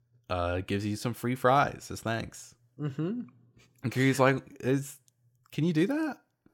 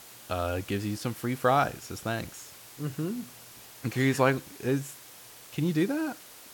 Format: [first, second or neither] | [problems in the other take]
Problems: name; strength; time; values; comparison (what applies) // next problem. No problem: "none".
first | hiss; noticeable; throughout; 15 dB below the speech